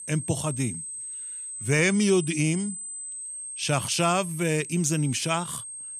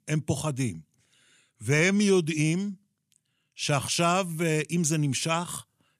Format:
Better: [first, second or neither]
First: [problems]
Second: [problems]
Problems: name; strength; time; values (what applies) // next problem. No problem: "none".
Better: second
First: high-pitched whine; loud; throughout; 8.5 kHz, 9 dB below the speech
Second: none